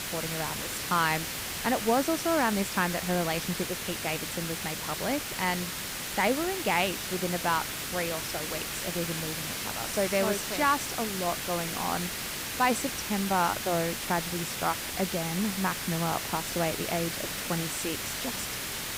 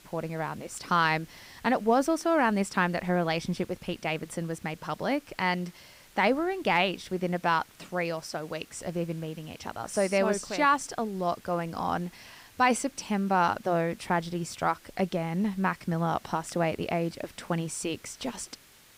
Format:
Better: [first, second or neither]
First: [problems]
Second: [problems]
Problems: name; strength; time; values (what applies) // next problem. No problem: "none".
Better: second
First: hiss; loud; throughout; 2 dB below the speech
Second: hiss; faint; throughout; 25 dB below the speech